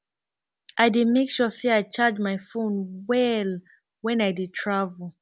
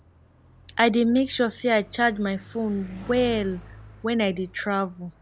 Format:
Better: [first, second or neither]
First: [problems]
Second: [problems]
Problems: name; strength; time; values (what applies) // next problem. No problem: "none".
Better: first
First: none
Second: background sound (Bicycle); 20 dB below the speech